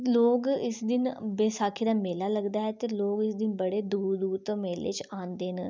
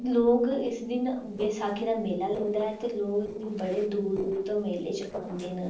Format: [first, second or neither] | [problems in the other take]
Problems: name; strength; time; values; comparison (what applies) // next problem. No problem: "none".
first | noise reduction (neural separator model SepFormer DNS4)